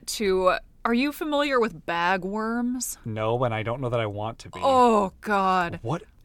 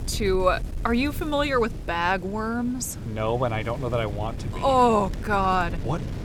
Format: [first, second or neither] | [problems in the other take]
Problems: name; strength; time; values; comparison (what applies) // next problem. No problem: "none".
first | wind noise on the microphone; occasional gusts; 20 dB below the speech